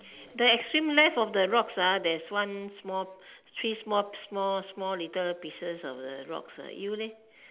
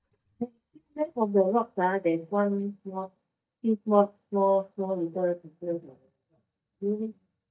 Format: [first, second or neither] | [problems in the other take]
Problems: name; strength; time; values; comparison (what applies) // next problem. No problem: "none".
first | noise reduction (neural mask model DeepFilterNet 3)